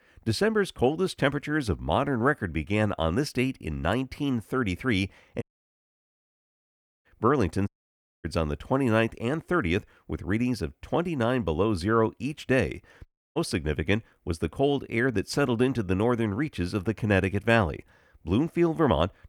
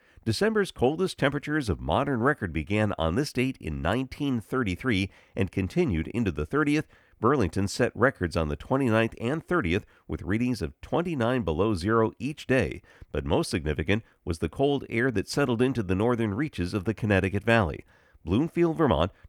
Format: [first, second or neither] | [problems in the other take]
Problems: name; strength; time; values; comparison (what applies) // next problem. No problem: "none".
second | audio cutting out; at 5.5 s for 1.5 s, at 7.5 s for 0.5 s and at 13 s